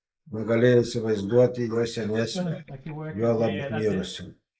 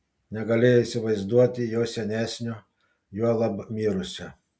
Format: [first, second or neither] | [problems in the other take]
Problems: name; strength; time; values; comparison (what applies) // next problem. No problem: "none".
second | noise reduction (neural mask model Resemble Enhance denoiser)